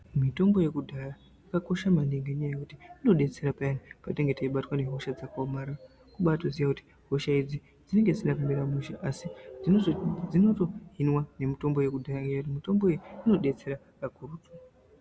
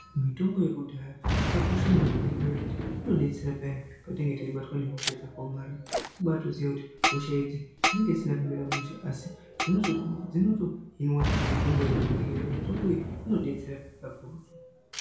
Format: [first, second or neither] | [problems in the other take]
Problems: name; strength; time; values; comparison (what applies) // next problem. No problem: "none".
first | background sound (Boom); 2 dB below the speech // room echo; dies away in 0.5 s